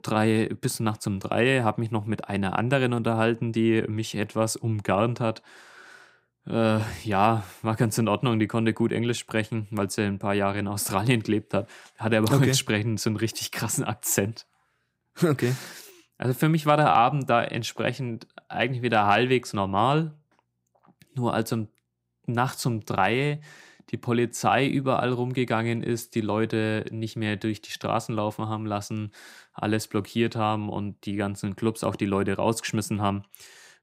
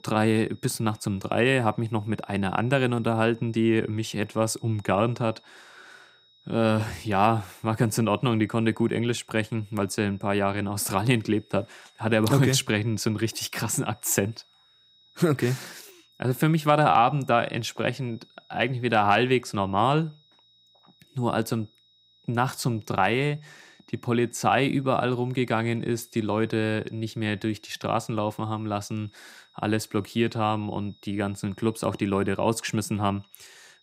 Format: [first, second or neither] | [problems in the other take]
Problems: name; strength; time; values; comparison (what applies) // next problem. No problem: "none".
first | high-pitched whine; faint; throughout; 4 kHz, 30 dB below the speech